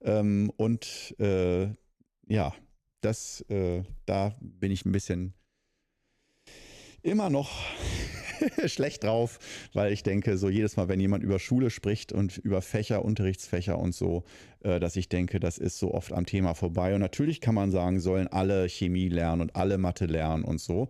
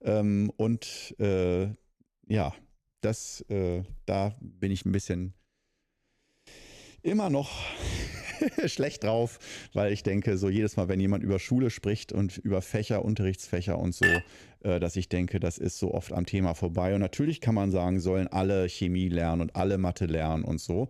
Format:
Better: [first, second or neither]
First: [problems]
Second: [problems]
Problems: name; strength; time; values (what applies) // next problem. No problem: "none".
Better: first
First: none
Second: clattering dishes; loud; at 14 s; peak 5 dB above the speech